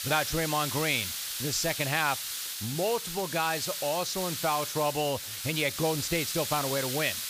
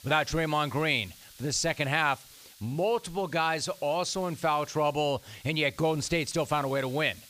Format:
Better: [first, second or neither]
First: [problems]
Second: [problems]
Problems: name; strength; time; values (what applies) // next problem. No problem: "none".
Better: second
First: hiss; loud; throughout; 3 dB below the speech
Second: hiss; faint; throughout; 20 dB below the speech